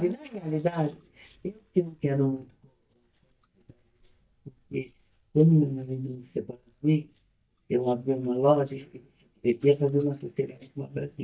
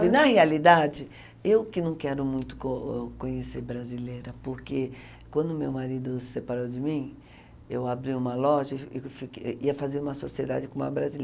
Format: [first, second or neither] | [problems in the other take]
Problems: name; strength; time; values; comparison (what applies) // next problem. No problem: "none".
second | noise reduction (neural mask model DeepFilterNet 3)